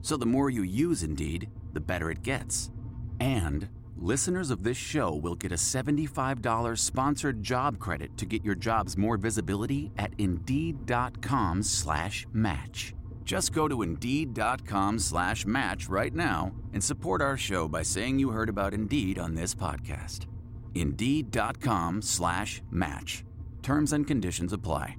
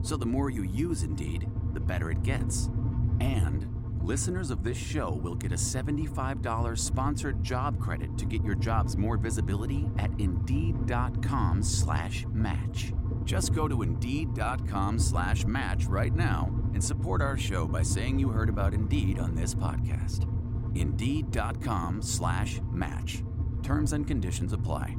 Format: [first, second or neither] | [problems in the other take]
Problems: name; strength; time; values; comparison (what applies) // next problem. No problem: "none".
first | low rumble; loud; throughout; 8 dB below the speech; faint in the first